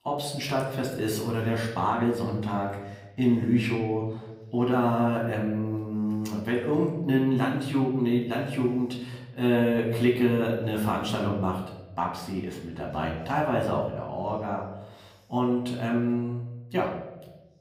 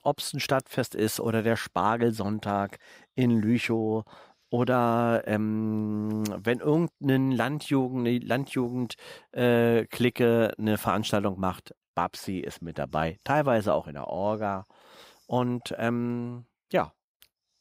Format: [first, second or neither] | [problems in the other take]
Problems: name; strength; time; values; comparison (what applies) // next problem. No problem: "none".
second | room echo; slight; dies away in 1.1 s // off-mic speech; far